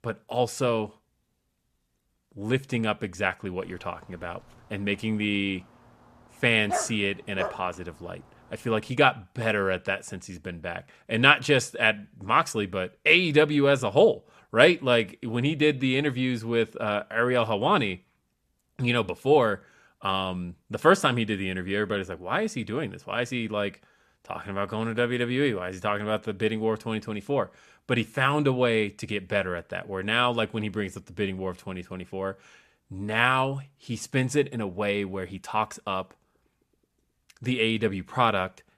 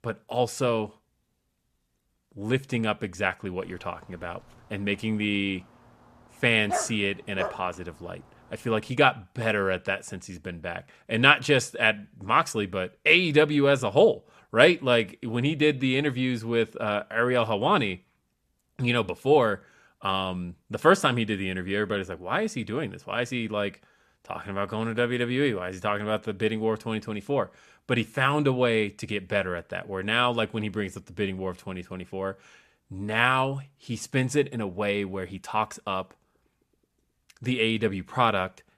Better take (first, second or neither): neither